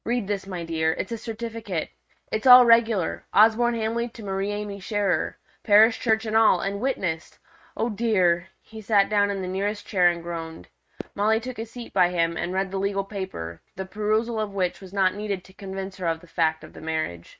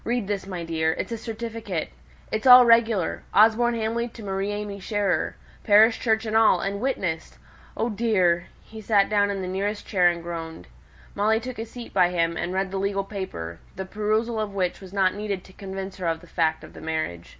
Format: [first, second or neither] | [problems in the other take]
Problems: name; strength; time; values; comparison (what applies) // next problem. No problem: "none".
second | noise reduction (neural mask model RNNoise)